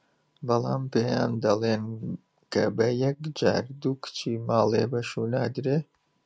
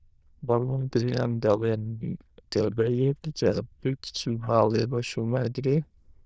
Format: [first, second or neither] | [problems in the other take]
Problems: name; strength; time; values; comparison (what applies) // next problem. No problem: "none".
first | noise reduction (neural diffusion model UNIVERSE++)